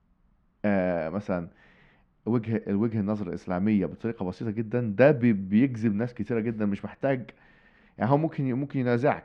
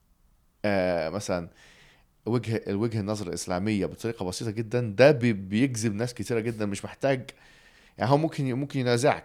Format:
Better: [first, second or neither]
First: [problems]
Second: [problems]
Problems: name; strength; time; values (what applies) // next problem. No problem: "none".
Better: second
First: muffled; very; fading above 2 kHz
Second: none